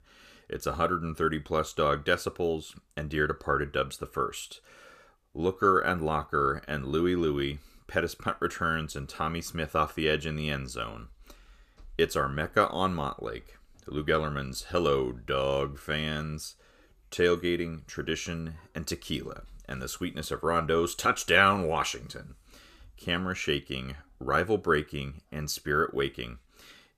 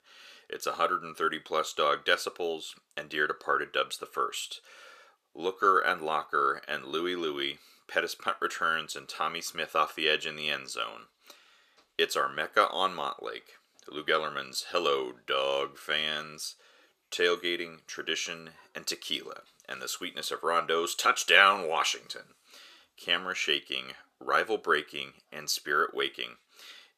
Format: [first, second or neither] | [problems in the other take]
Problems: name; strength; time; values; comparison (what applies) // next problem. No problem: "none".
first | thin; somewhat; fading below 450 Hz